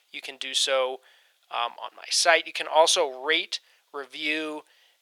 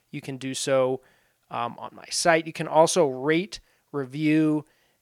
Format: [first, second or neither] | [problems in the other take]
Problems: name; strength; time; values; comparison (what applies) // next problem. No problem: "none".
second | thin; very; fading below 550 Hz